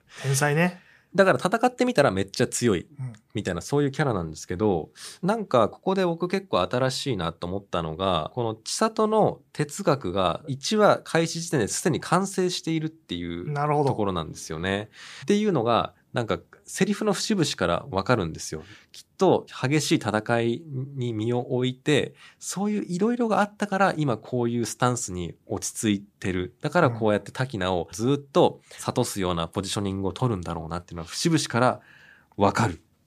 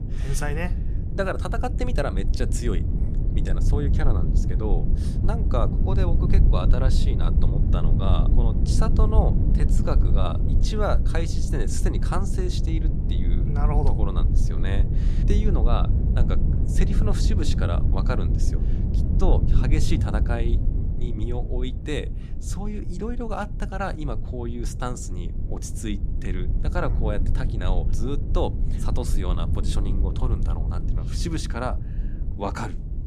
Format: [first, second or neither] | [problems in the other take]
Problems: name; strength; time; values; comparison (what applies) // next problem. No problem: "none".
first | low rumble; loud; throughout; 6 dB below the speech